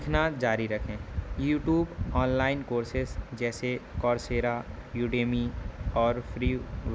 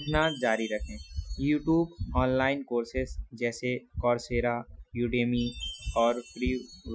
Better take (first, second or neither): first